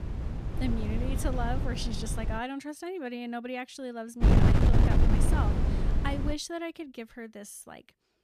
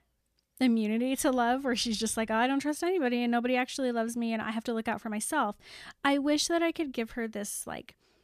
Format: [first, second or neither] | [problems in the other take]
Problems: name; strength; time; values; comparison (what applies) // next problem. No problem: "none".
second | wind noise on the microphone; heavy; until 2.5 s and from 4 to 6.5 s; as loud as the speech